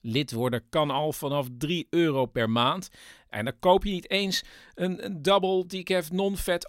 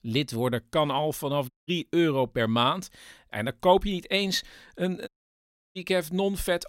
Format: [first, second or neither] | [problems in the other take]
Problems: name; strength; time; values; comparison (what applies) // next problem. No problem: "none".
first | audio cutting out; at 1.5 s and at 5 s for 0.5 s